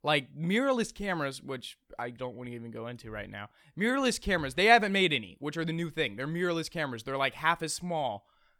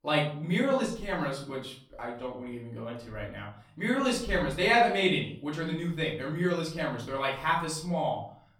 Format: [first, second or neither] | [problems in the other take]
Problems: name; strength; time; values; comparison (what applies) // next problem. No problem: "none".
first | room echo; slight; dies away in 0.4 s // off-mic speech; far